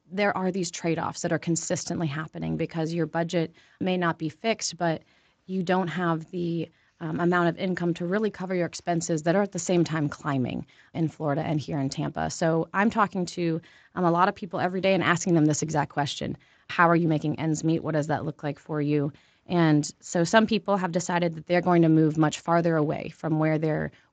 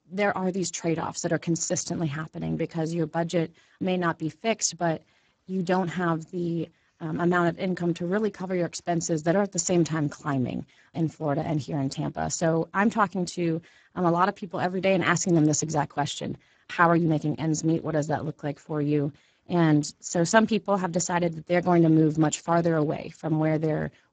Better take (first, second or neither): first